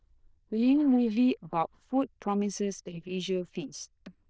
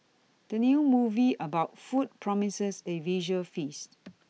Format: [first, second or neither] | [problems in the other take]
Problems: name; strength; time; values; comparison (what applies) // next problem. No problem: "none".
second | noise reduction (neural diffusion model UNIVERSE++)